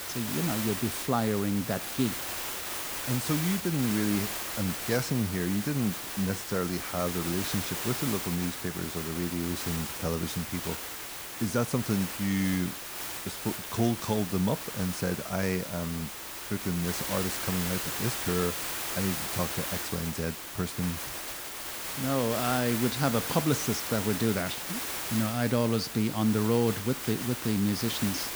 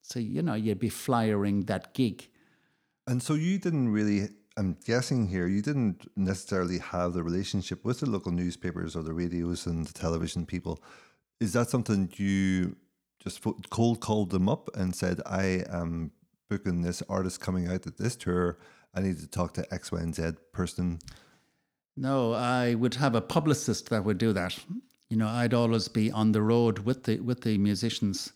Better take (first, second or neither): second